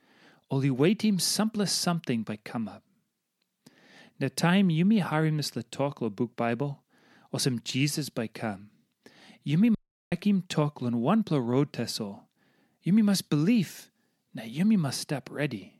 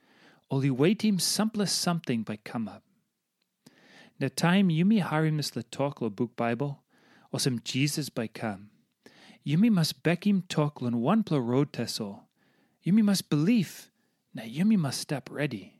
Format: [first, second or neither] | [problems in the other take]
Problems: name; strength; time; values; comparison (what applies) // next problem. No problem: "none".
second | audio cutting out; at 10 s